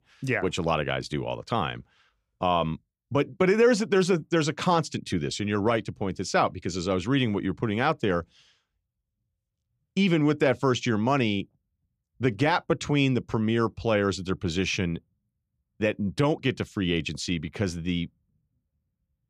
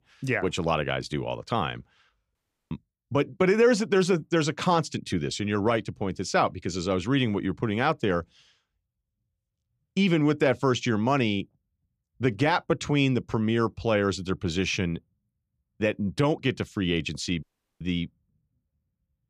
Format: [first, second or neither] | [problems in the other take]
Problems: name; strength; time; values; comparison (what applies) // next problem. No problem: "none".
first | audio cutting out; at 2.5 s and at 17 s